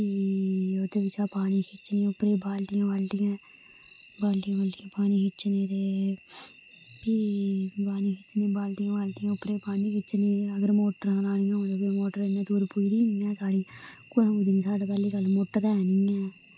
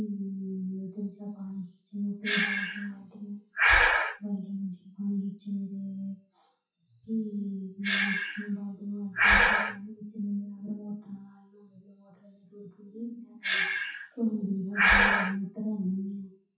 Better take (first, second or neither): first